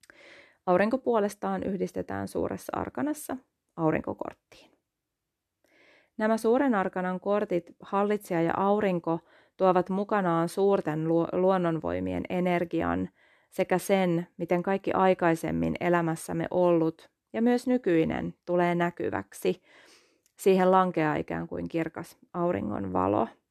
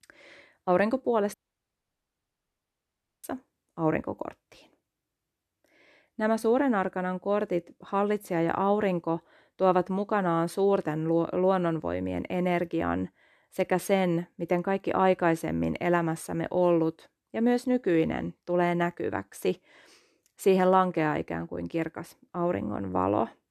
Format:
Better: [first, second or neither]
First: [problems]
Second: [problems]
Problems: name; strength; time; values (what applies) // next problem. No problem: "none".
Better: first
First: none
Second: audio cutting out; at 1.5 s for 2 s